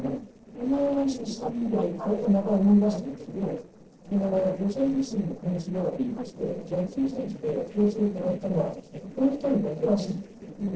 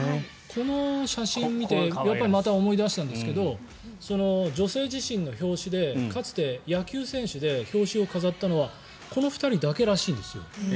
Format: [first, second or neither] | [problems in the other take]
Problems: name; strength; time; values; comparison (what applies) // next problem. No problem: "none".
second | noise reduction (neural separator model SepFormer DNS4)